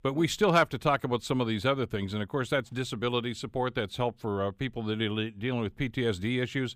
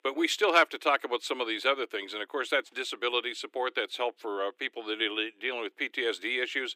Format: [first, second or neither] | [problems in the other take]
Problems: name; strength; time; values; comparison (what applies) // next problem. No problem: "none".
first | thin; very; fading below 300 Hz